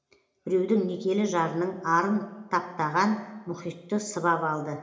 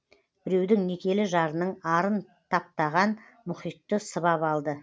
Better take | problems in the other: second | room echo; dies away in 0.8 s

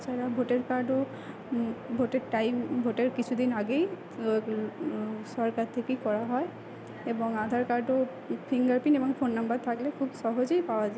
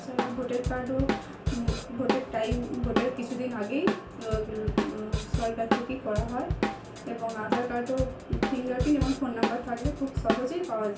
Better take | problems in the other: first | background sound (Drum kit); 1 dB below the speech // room echo; dies away in 0.3 s

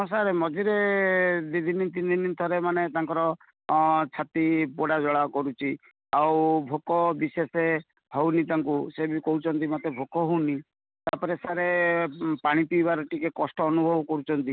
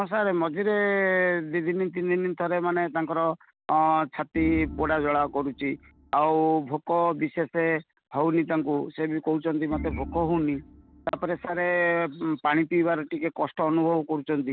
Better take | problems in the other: first | background sound (Organ); 13 dB below the speech

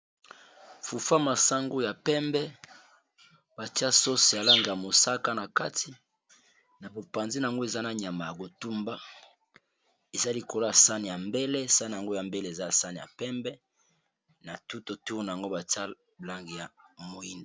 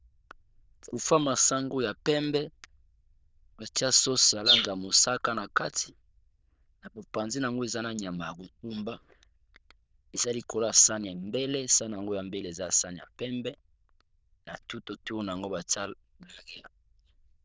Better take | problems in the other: first | noise reduction (neural diffusion model UNIVERSE++)

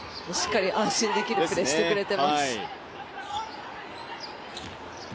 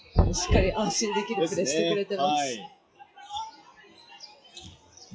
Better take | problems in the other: first | noise reduction (classical method WPE with log-MMSE)

